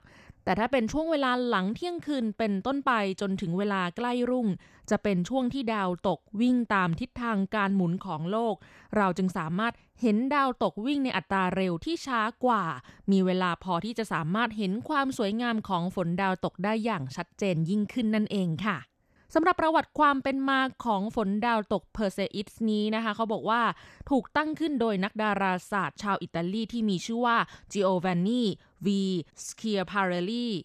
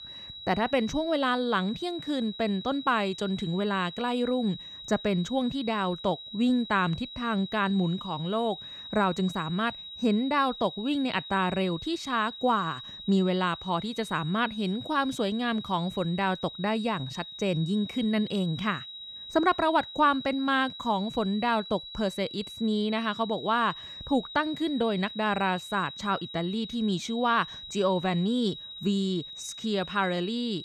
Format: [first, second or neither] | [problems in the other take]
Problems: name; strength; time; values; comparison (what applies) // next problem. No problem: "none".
first | high-pitched whine; noticeable; throughout; 4 kHz, 10 dB below the speech